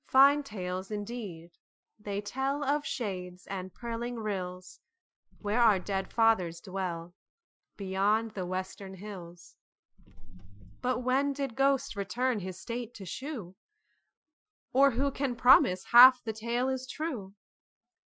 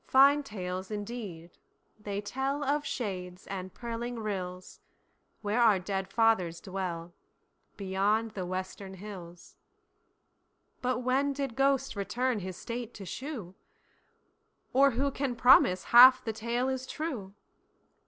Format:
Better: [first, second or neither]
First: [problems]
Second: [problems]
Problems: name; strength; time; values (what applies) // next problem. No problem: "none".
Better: second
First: noise reduction (classical method Wiener filter)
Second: none